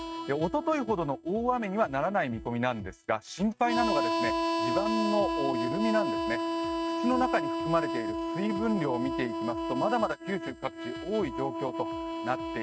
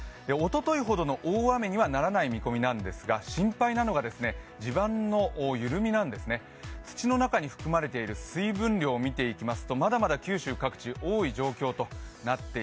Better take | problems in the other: second | noise reduction (neural mask model RNNoise)

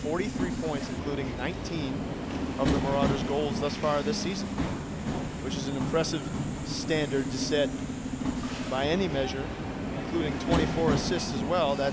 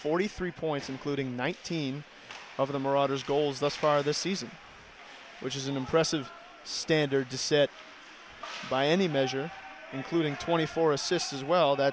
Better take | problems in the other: second | background sound (Subway, metro, underground); as loud as the speech

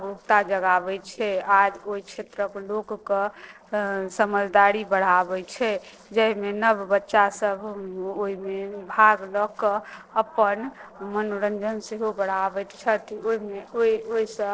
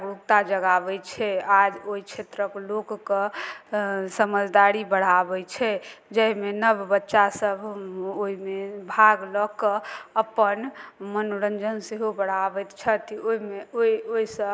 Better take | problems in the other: second | noise reduction (neural separator model SepFormer DNS4)

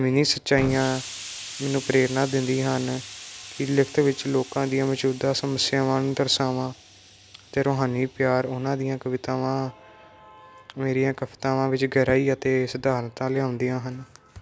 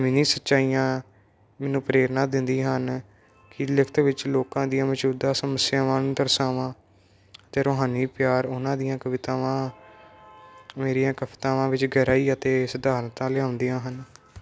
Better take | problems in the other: second | background sound (Explosion); 17 dB below the speech

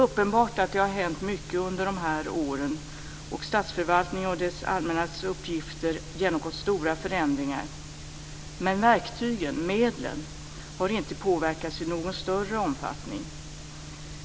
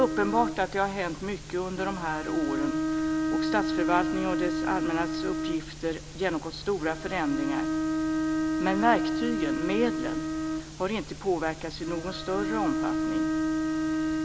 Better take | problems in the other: first | background sound (Bowed string instrument); as loud as the speech

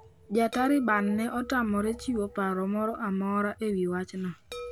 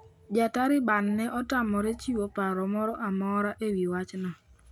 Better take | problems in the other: second | background sound (Chime); 18 dB below the speech

